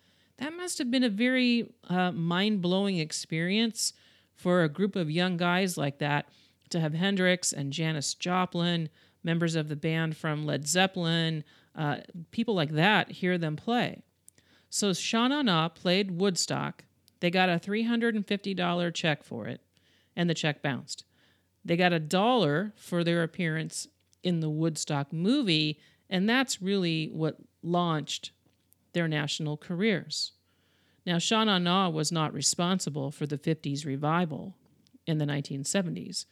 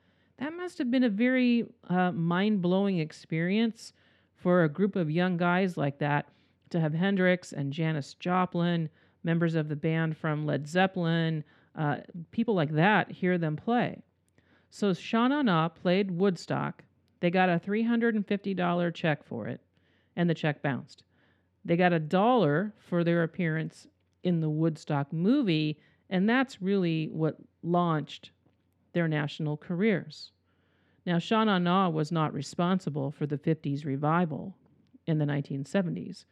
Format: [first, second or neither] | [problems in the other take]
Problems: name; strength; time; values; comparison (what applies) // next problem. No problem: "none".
first | muffled; very; fading above 3.5 kHz